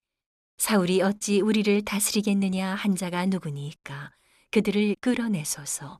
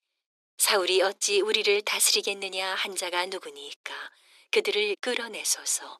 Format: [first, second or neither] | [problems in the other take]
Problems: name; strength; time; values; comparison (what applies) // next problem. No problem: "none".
first | thin; very; fading below 350 Hz